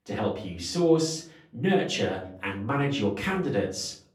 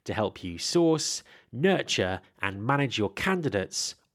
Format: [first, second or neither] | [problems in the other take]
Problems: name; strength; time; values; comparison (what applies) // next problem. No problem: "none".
second | off-mic speech; far // room echo; slight; dies away in 0.4 s